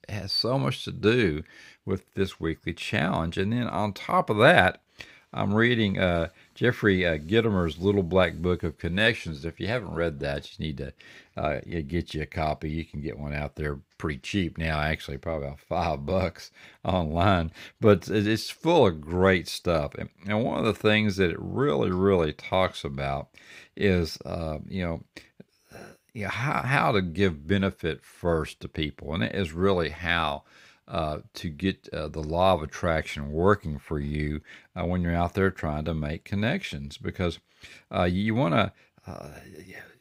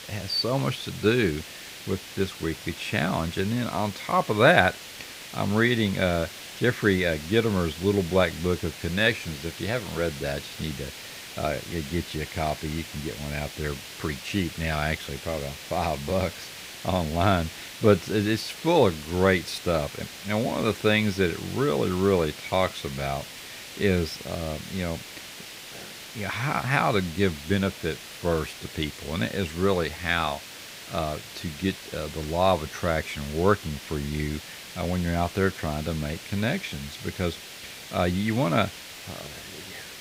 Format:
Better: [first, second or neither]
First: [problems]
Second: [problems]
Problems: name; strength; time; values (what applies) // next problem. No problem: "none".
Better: first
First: none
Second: hiss; noticeable; throughout; 10 dB below the speech